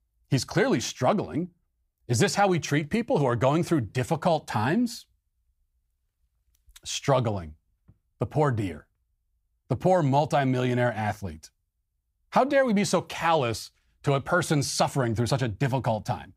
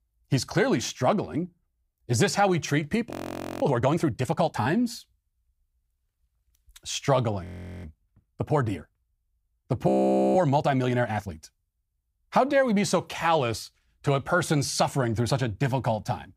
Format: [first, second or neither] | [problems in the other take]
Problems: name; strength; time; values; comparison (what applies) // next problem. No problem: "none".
first | audio freezing; at 3 s for 0.5 s, at 7.5 s and at 10 s